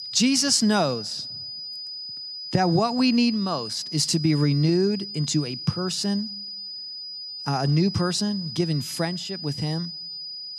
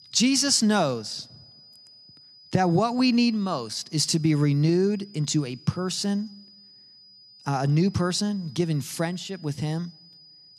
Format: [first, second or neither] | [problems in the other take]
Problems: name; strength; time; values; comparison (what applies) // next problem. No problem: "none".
second | high-pitched whine; loud; throughout; 5 kHz, 9 dB below the speech; faint in the second